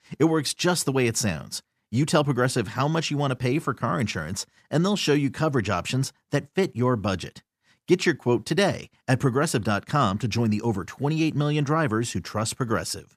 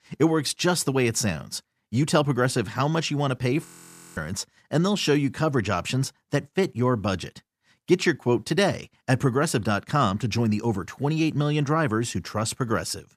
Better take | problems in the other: first | audio freezing; at 3.5 s for 0.5 s

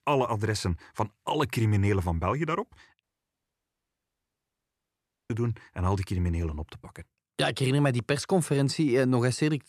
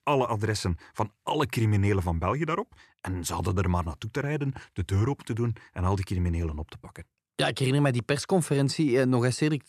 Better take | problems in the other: second | audio cutting out; at 3 s for 2.5 s

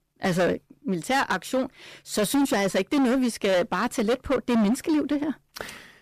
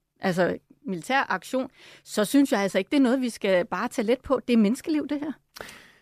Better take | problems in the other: second | distortion; heavy; 14% of the sound clipped

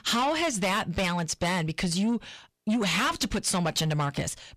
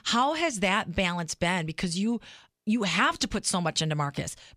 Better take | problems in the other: second | distortion; heavy; 8 dB below the speech

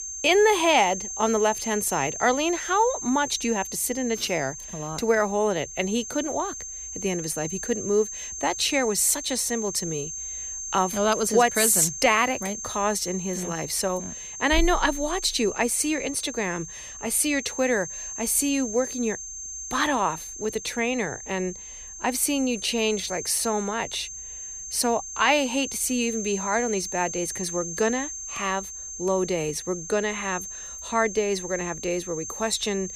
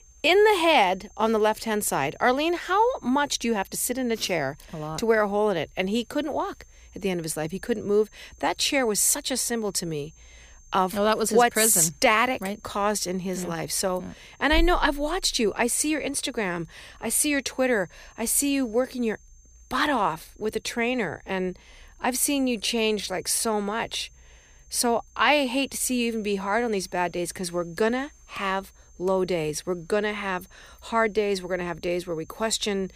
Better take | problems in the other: second | high-pitched whine; loud; throughout; 6.5 kHz, 8 dB below the speech; faint in the second

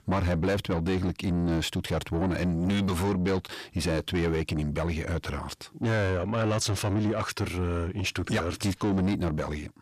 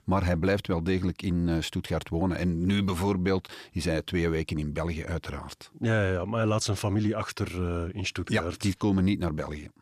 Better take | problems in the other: second | distortion; slight; 10 dB below the speech

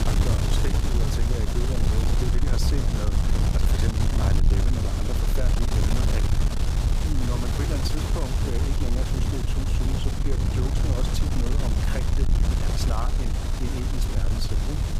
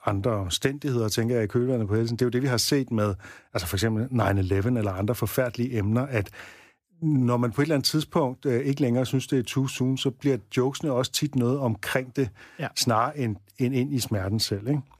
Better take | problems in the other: second | wind noise on the microphone; heavy; 3 dB above the speech

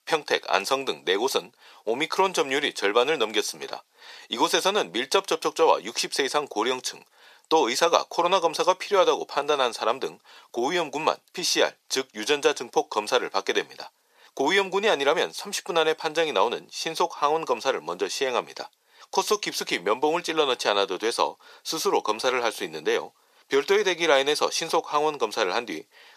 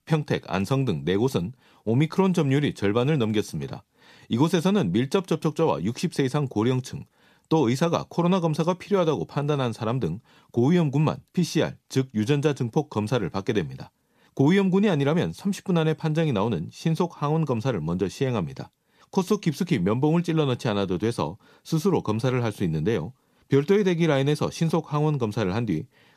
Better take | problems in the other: second | thin; very; fading below 500 Hz

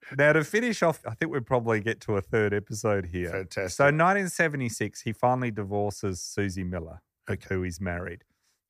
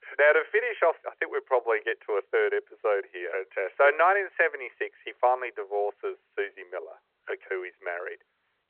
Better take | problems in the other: first | phone-call audio

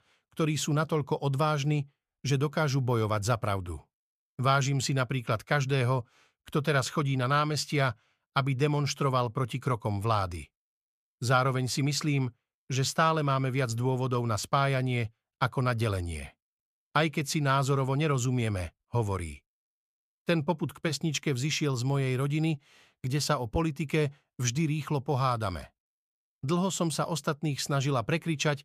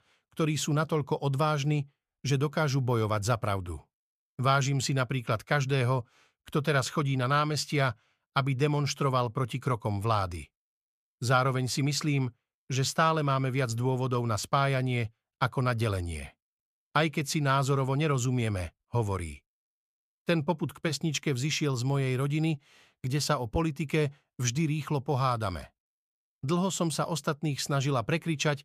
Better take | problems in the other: neither | none

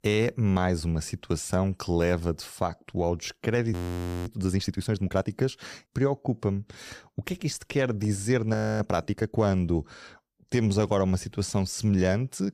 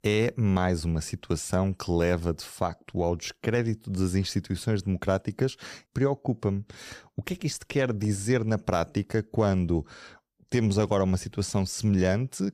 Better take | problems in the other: second | audio freezing; at 3.5 s for 0.5 s and at 8.5 s

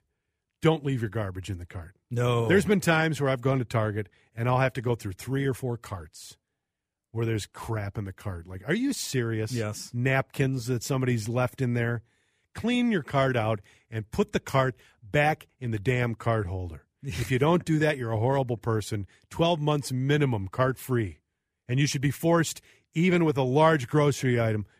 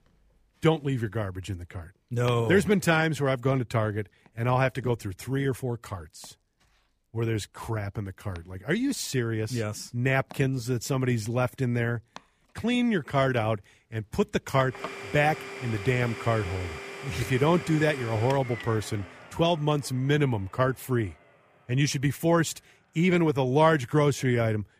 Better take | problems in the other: first | household noises; noticeable; throughout; 15 dB below the speech

